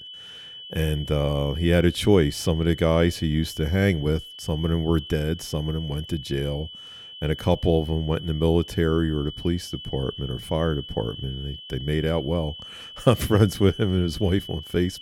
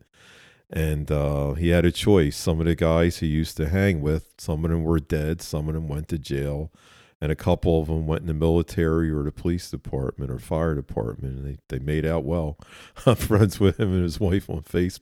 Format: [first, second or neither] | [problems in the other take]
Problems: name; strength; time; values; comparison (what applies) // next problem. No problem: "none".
second | high-pitched whine; noticeable; throughout; 3 kHz, 15 dB below the speech